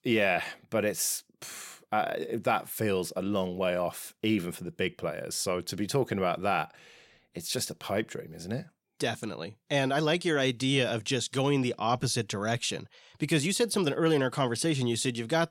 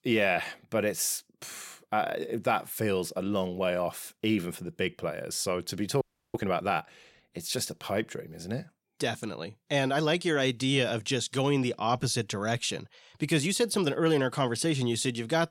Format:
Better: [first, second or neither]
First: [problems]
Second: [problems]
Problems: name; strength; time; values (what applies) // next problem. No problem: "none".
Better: first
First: none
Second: audio freezing; at 6 s